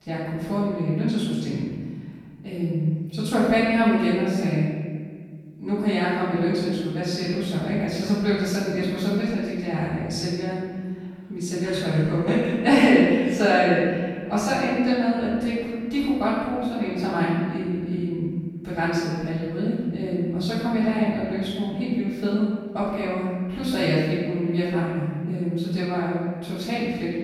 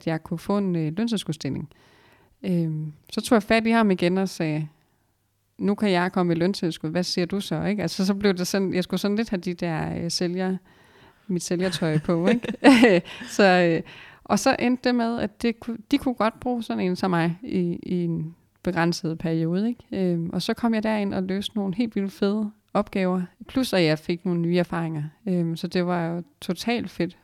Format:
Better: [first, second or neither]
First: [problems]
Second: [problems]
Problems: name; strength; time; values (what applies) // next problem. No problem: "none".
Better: second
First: off-mic speech; far // room echo; strong; dies away in 1.6 s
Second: none